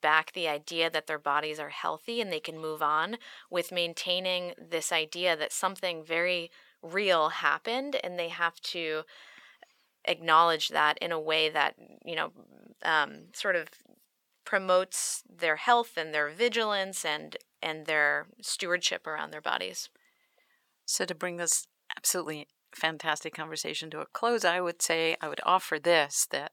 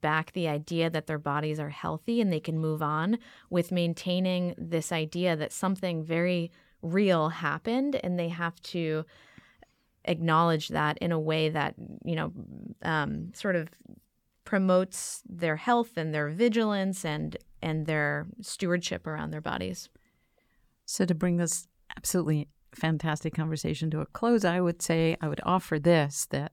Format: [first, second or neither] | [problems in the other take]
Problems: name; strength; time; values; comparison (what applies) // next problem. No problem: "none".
second | thin; very; fading below 600 Hz